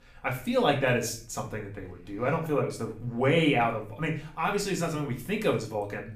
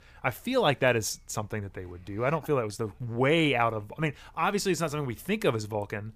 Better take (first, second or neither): second